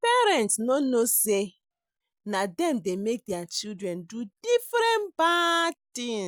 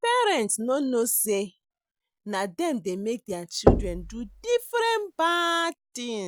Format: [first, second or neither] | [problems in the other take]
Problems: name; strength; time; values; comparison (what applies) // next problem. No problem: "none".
first | background sound (Knock); as loud as the speech